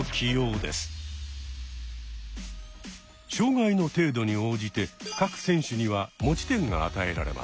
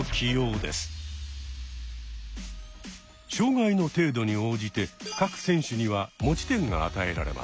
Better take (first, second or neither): first